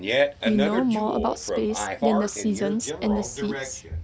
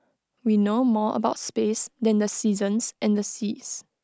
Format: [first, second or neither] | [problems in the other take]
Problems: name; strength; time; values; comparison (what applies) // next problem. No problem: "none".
second | background sound (Fart); 2 dB below the speech